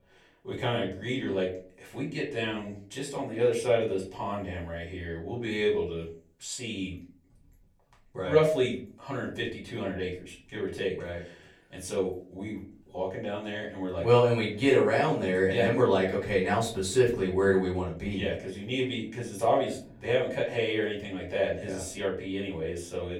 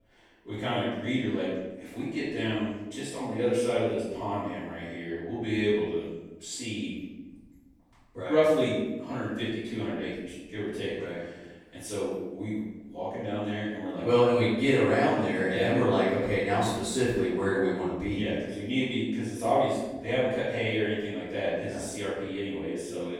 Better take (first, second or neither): first